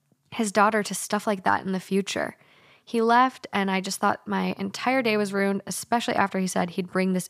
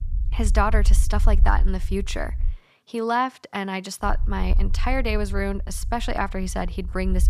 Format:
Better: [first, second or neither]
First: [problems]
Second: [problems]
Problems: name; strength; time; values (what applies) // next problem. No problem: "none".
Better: first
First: none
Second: low rumble; faint; until 2.5 s and from 4 s on; 20 dB below the speech